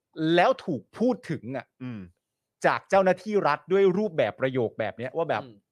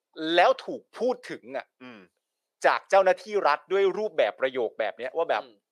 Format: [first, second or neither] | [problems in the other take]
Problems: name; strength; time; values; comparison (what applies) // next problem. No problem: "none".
first | thin; somewhat; fading below 500 Hz